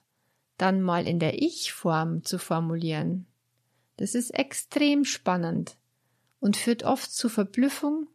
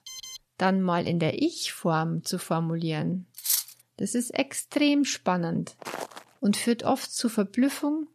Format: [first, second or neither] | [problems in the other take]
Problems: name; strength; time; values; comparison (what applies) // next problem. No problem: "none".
first | alarm; faint; at the start; peak 10 dB below the speech // clattering dishes; loud; at 3.5 s; peak 2 dB above the speech // footsteps; noticeable; at 6 s; peak 10 dB below the speech